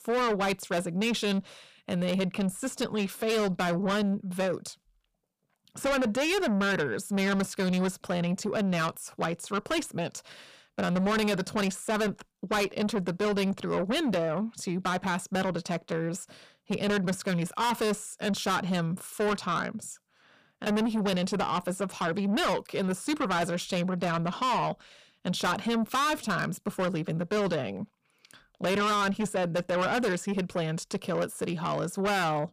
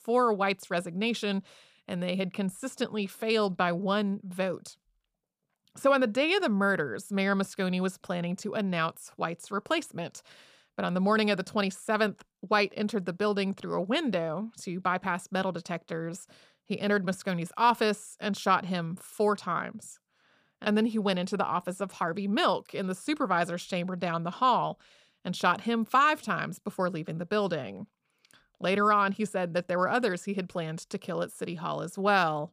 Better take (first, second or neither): second